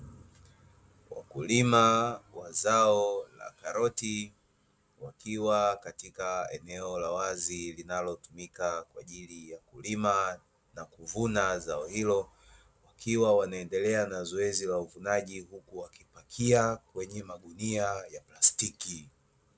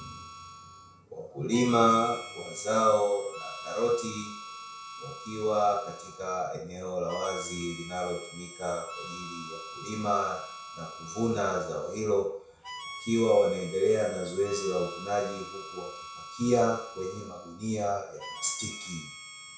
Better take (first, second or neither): first